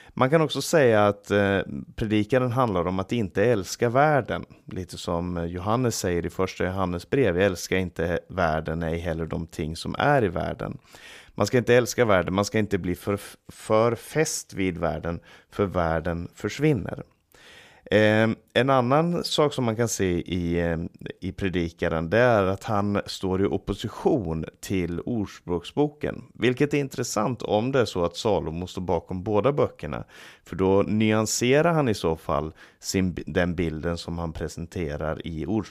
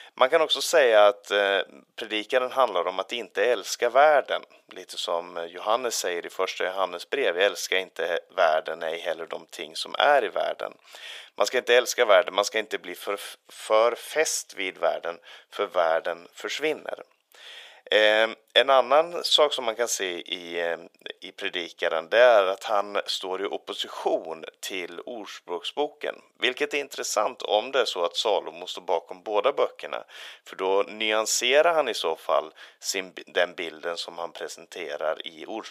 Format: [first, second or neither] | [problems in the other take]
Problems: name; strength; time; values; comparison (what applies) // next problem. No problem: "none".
first | thin; very; fading below 500 Hz